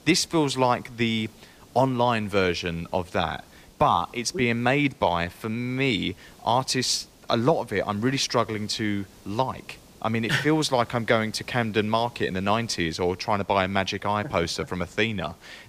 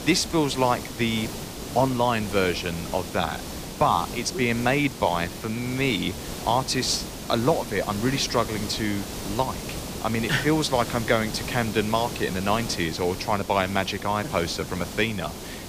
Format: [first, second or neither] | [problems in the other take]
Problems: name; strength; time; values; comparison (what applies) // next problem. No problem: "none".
first | hiss; loud; throughout; 9 dB below the speech; faint in the first